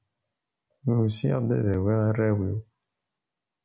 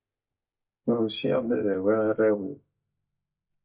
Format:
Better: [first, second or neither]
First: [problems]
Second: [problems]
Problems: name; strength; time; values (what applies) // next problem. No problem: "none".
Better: first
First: none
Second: noise reduction (neural mask model DeepFilterNet 3)